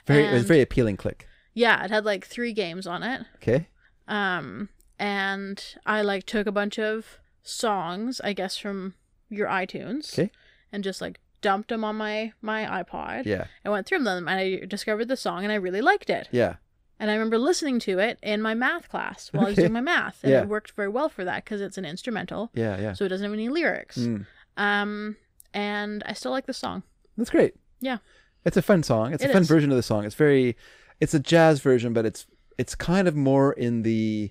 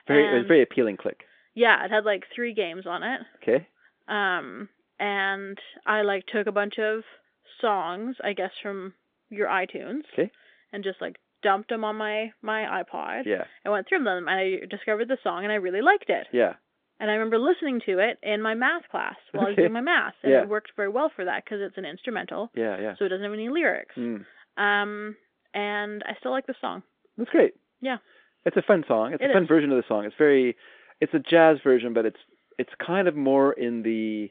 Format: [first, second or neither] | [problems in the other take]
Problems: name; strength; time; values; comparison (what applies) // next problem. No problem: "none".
first | phone-call audio